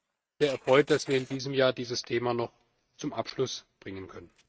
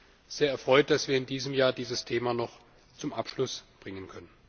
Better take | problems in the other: second | noise reduction (neural mask model RNNoise)

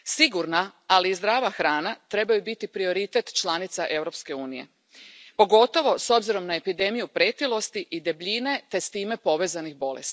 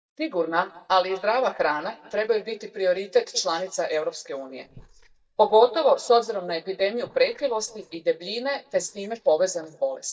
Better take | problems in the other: first | noise reduction (neural mask model DeepFilterNet 3)

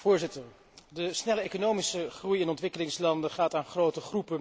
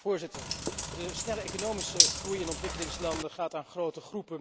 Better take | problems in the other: first | background sound (Bathtub (filling or washing)); 4 dB above the speech

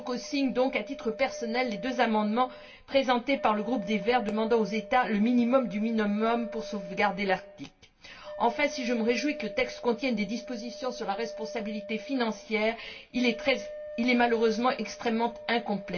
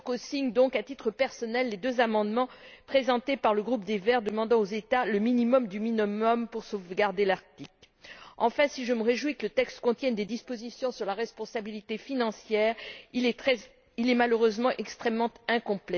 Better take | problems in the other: second | background sound (Wind instrument, woodwind instrument); 13 dB below the speech // room echo; dies away in 0.2 s

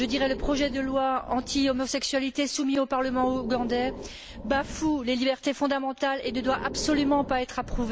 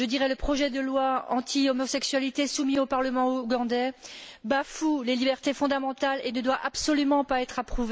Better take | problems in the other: second | background sound (Breathing); 13 dB below the speech

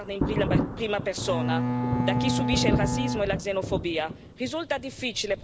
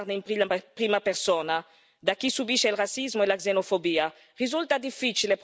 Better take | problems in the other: second | background sound (Bowed string instrument + Thunder); 2 dB above the speech

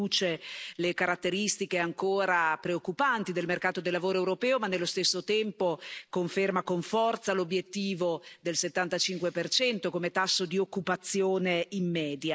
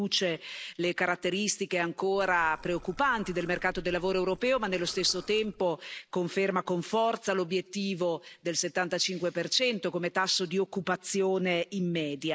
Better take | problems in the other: first | background sound (Liquid); 19 dB below the speech

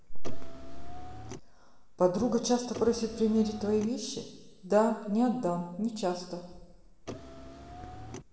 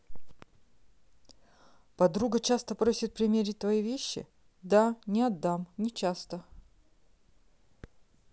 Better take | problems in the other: second | background sound (Car); 14 dB below the speech // room echo; dies away in 1.2 s

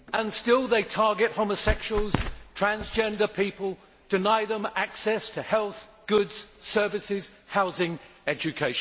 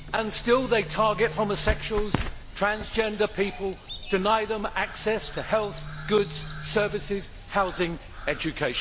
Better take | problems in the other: first | background sound (Boat, Water vehicle + Crow); 12 dB below the speech

